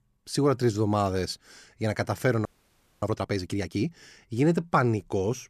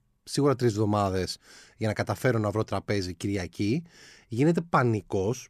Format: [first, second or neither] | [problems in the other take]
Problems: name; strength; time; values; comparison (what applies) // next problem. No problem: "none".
second | audio freezing; at 2.5 s for 0.5 s